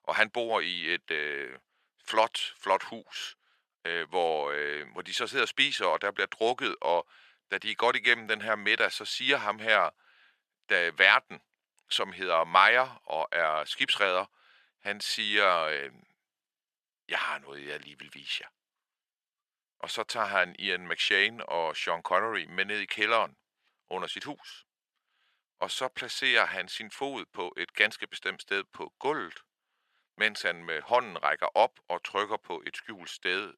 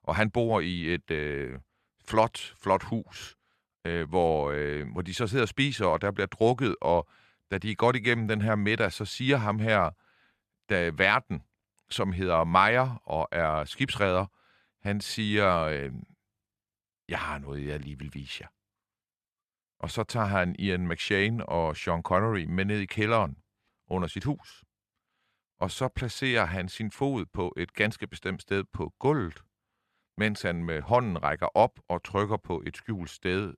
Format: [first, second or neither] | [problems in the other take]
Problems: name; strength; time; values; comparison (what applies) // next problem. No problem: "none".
second | thin; very; fading below 500 Hz